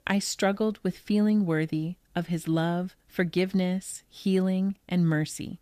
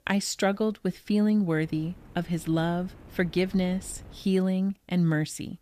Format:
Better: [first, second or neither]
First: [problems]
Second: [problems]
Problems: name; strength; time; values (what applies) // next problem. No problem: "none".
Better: first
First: none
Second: wind noise on the microphone; occasional gusts; from 1.5 to 4 s; 25 dB below the speech